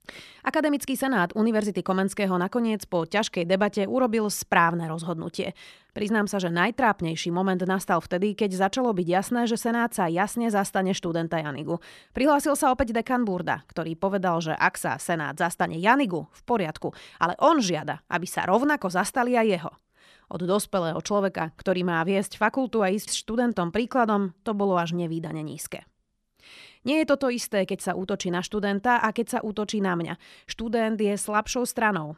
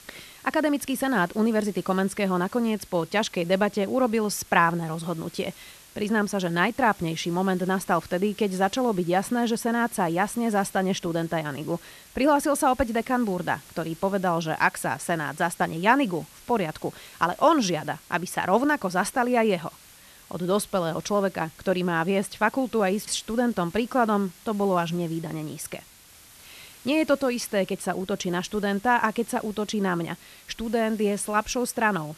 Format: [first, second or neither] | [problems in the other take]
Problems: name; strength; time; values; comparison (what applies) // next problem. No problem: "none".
first | hiss; faint; throughout; 20 dB below the speech